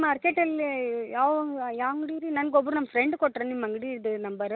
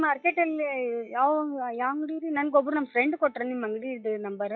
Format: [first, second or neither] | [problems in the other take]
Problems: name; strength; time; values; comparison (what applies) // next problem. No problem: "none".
first | noise reduction (classical method log-MMSE)